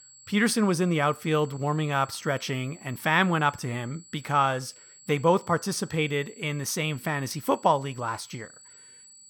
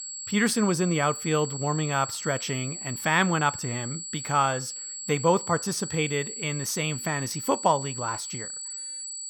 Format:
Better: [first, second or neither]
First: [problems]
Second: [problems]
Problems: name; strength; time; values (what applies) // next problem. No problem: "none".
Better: first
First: high-pitched whine; faint; throughout; 7.5 kHz, 20 dB below the speech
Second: high-pitched whine; loud; throughout; 7.5 kHz, 7 dB below the speech